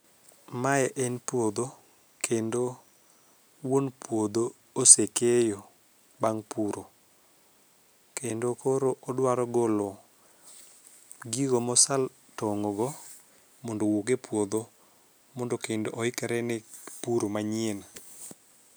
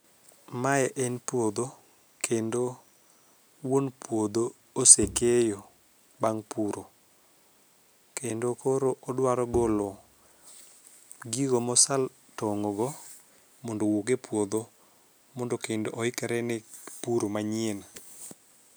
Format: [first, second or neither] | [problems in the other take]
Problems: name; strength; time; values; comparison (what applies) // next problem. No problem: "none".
first | background sound (Bowed string instrument); 14 dB below the speech